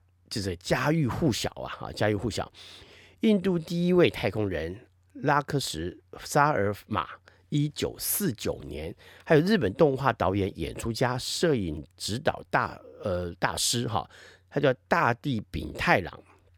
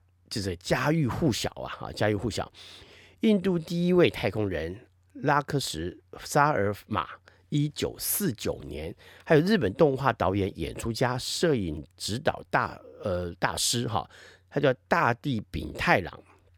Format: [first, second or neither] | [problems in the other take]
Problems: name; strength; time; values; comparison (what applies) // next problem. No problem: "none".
neither | none